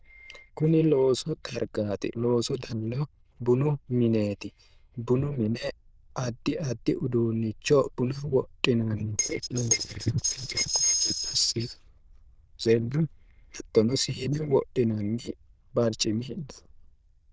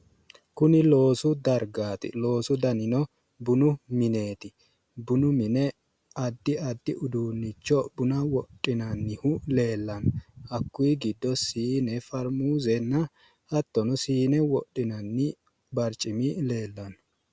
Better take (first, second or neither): second